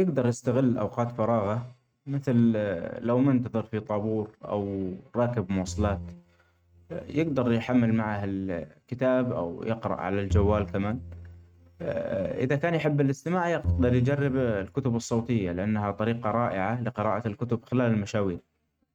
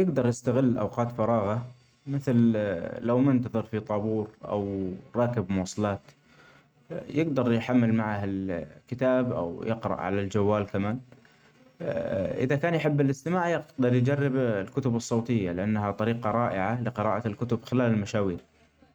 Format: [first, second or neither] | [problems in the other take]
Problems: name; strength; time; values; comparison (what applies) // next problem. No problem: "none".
second | noise reduction (neural mask model RNNoise)